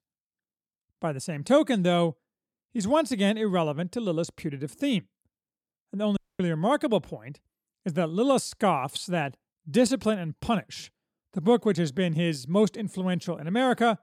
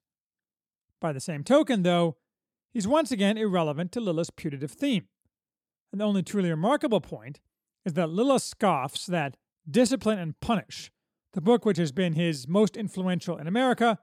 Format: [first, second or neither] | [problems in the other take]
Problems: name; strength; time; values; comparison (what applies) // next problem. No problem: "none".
second | audio cutting out; at 6 s